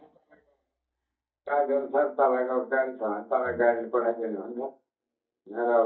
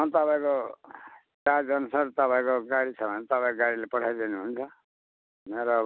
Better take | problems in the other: second | noise reduction (neural mask model DeepFilterNet 3)

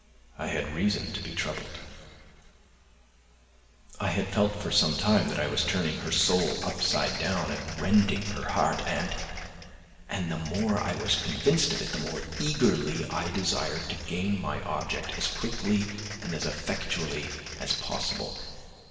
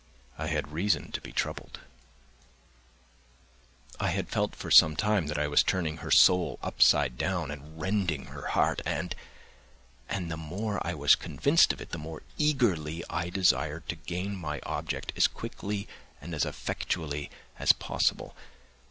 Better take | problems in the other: second | background sound (Applause); 12 dB below the speech // room echo; dies away in 2.2 s

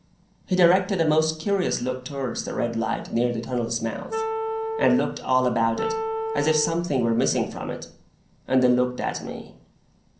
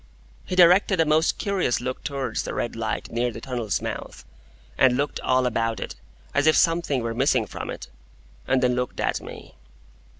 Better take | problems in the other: second | background sound (Wind instrument, woodwind instrument); 5 dB below the speech // room echo; dies away in 0.6 s

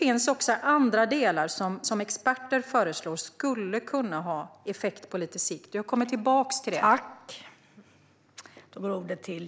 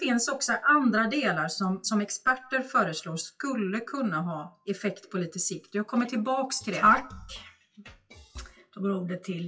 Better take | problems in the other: first | noise reduction (classical method WPE with log-MMSE)

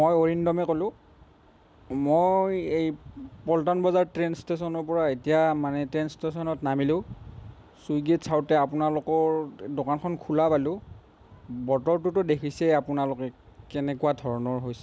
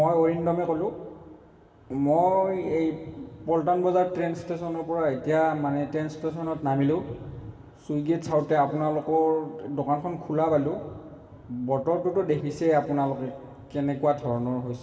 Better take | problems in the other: first | room echo; dies away in 2 s

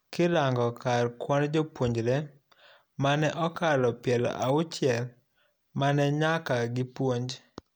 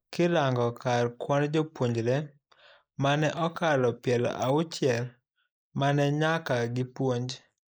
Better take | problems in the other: first | noise reduction (neural mask model Resemble Enhance denoiser)

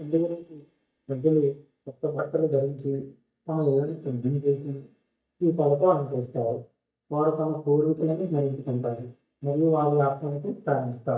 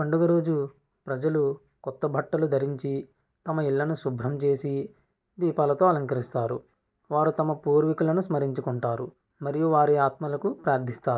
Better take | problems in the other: second | noise reduction (neural mask model DeepFilterNet 3)

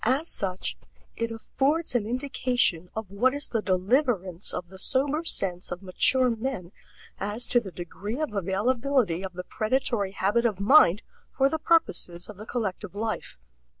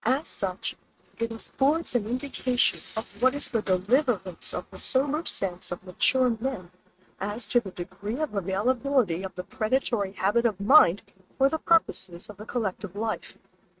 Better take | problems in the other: first | noise reduction (neural mask model RNNoise)

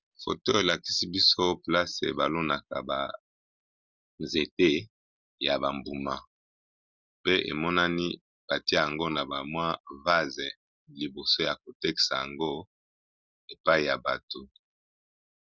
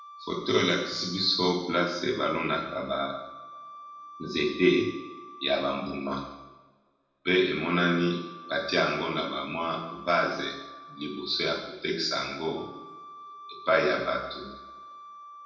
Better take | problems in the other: first | background sound (Wind instrument, woodwind instrument); 18 dB below the speech // room echo; dies away in 0.9 s

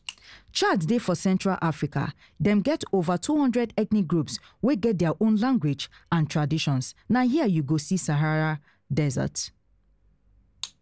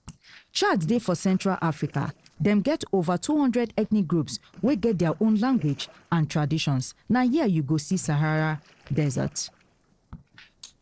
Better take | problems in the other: first | noise reduction (neural separator model SepFormer DNS4)

